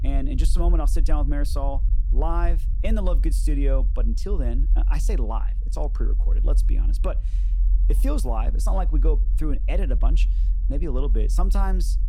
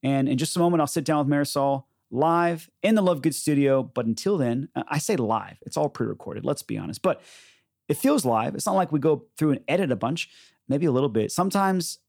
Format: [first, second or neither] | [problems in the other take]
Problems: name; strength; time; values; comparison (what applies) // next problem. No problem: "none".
second | low rumble; noticeable; throughout; 15 dB below the speech